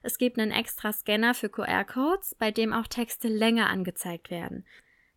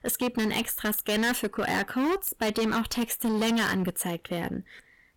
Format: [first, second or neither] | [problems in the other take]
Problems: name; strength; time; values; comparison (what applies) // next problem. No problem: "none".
first | distortion; heavy; 18% of the sound clipped